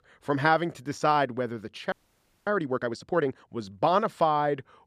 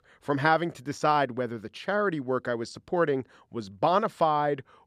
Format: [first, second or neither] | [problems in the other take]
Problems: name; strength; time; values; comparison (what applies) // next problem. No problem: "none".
second | audio freezing; at 2 s for 0.5 s